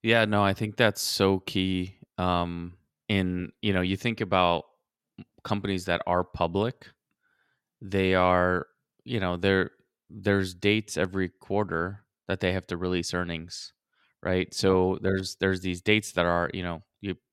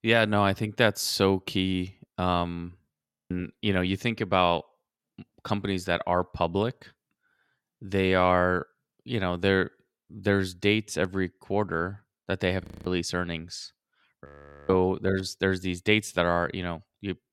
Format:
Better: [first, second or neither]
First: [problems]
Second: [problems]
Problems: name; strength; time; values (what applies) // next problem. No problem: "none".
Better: first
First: none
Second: audio freezing; at 3 s, at 13 s and at 14 s